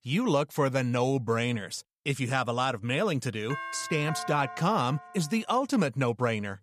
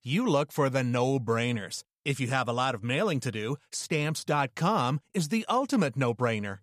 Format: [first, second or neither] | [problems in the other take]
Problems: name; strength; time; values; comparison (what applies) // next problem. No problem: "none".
second | doorbell; noticeable; from 3.5 to 5.5 s; peak 8 dB below the speech